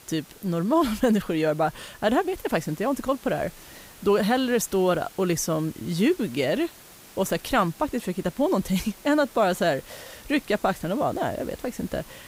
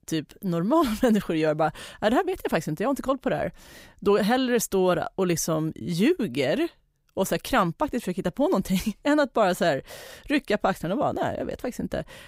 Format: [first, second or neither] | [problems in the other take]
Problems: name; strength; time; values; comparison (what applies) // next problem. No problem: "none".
second | hiss; faint; throughout; 20 dB below the speech